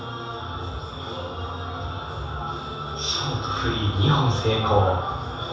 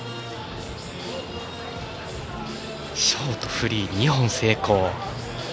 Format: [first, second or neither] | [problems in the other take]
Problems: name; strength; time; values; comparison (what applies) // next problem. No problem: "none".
second | room echo; dies away in 0.7 s